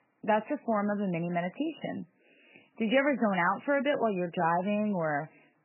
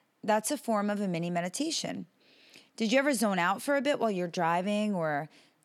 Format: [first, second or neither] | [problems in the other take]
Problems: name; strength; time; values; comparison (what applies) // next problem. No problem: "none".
second | garbled, watery; badly; nothing above 2.5 kHz